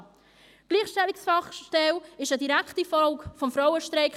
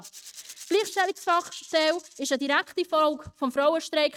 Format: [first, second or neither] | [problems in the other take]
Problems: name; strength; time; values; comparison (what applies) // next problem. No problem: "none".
first | noise reduction (neural mask model RNNoise)